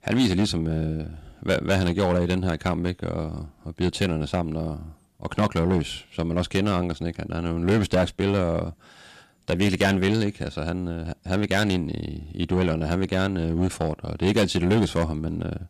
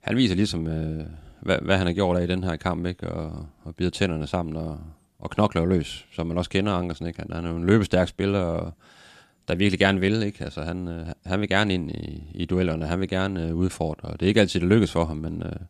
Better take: second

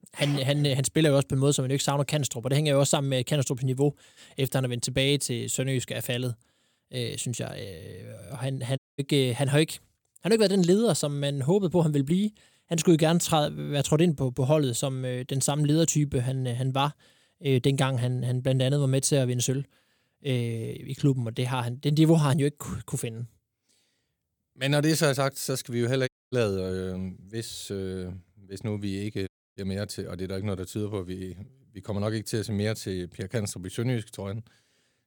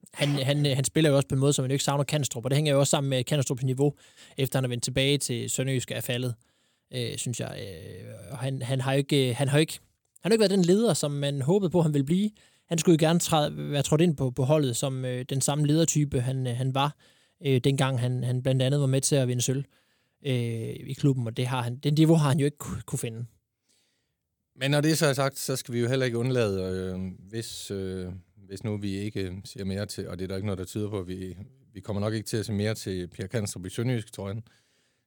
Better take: second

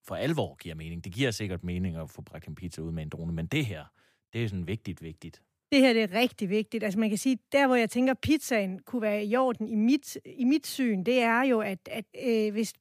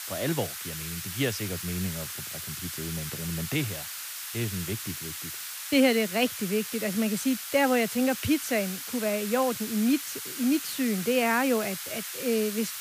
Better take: first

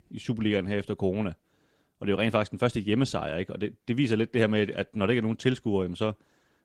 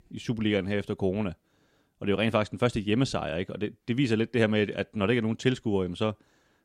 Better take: second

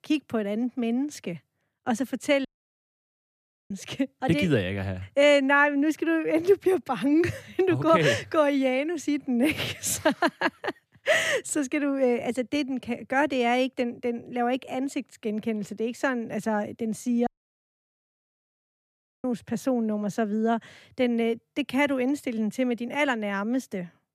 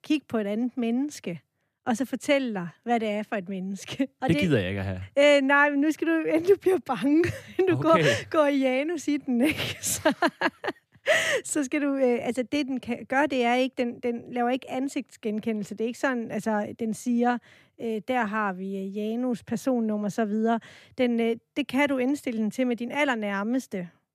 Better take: second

